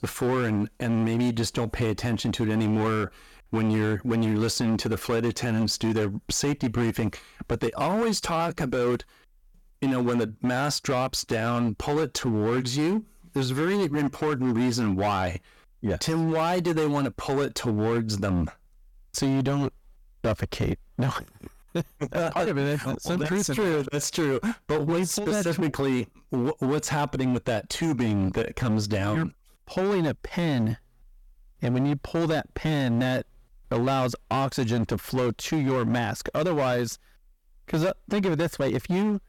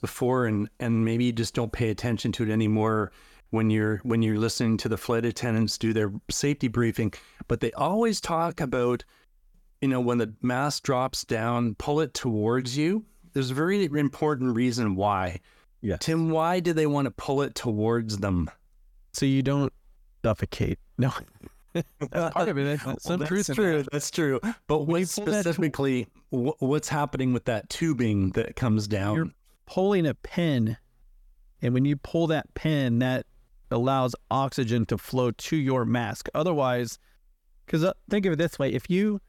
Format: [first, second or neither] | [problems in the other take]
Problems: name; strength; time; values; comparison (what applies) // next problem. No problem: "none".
second | distortion; slight; 15% of the sound clipped